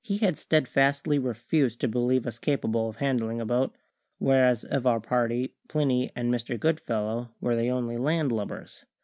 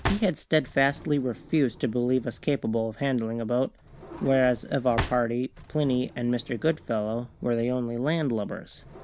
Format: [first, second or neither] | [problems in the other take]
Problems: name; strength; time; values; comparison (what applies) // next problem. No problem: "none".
first | background sound (Drawer open or close); 13 dB below the speech